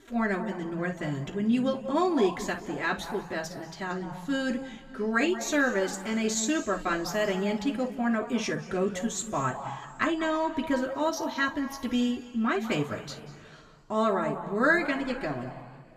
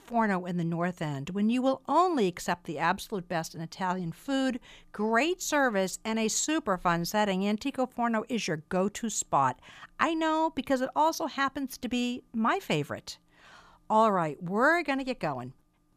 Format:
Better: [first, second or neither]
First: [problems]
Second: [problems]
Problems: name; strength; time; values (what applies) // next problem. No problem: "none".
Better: second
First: room echo; slight; dies away in 1.8 s // off-mic speech; somewhat distant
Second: none